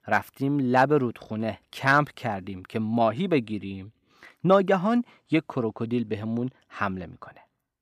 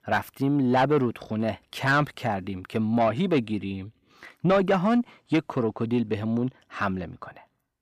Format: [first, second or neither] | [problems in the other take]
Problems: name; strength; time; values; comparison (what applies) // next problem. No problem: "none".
first | distortion; slight; 10 dB below the speech